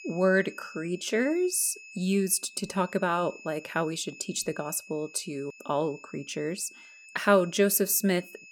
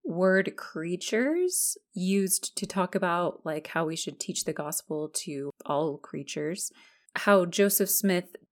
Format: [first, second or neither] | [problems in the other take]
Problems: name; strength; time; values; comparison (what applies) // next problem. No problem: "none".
second | high-pitched whine; noticeable; throughout; 2.5 kHz, 20 dB below the speech